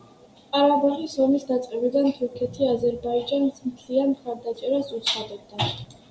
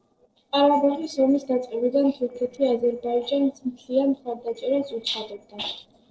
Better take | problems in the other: first | noise reduction (neural separator model SepFormer DNS4)

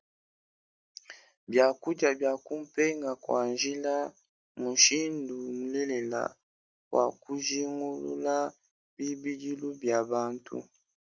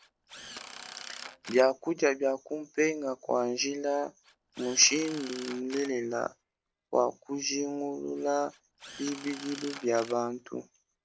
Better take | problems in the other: first | background sound (Drill); 18 dB below the speech

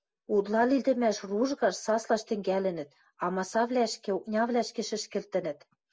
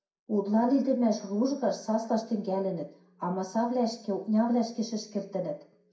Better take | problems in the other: first | room echo; dies away in 0.5 s

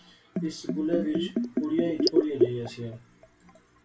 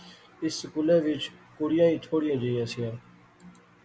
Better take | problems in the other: second | background sound (Bathtub (filling or washing)); 3 dB above the speech // room echo; dies away in 0.2 s

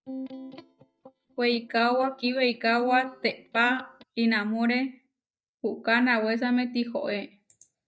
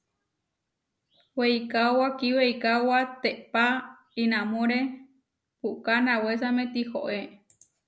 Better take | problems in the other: second | noise reduction (neural mask model DeepFilterNet 3)

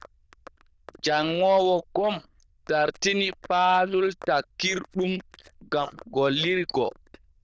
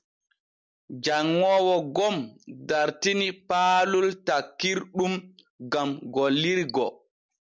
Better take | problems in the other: second | noise reduction (neural diffusion model UNIVERSE++)

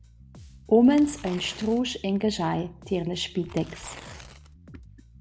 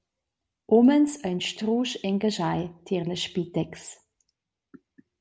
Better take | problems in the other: second | background sound (Bass guitar + Tearing); 19 dB below the speech

